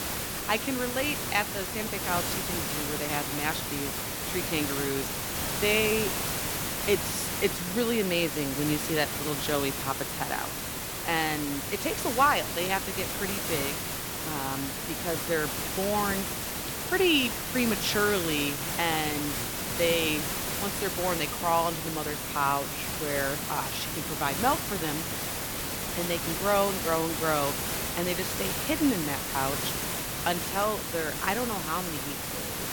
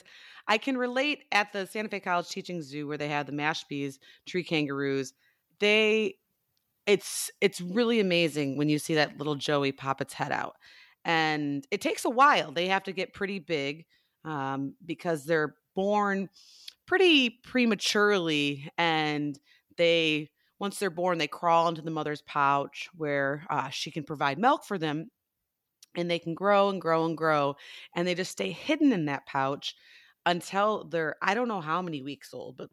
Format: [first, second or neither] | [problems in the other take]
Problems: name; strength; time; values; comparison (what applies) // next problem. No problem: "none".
second | hiss; loud; throughout; 1 dB below the speech